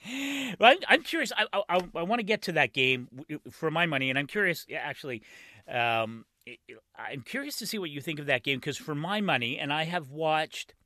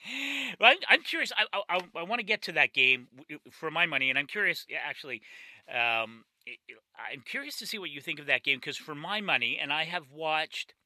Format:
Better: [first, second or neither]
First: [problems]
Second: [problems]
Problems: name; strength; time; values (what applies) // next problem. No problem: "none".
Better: first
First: none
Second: thin; very slightly; fading below 500 Hz